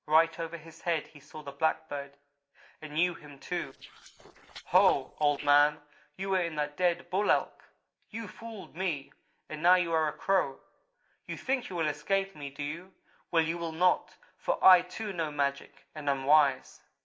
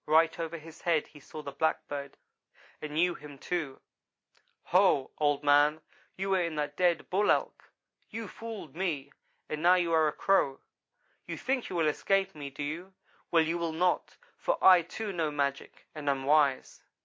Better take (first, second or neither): second